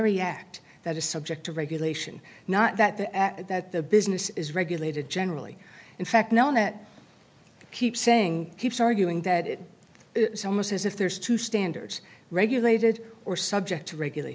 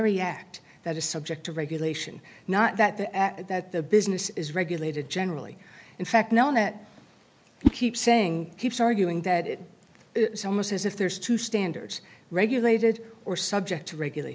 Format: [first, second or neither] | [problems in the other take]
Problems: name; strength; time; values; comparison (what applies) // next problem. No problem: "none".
first | noise reduction (neural mask model Resemble Enhance denoiser)